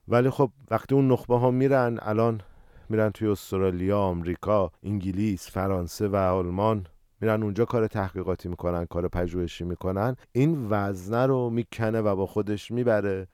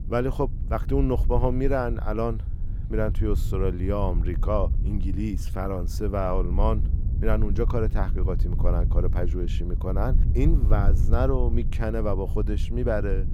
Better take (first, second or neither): first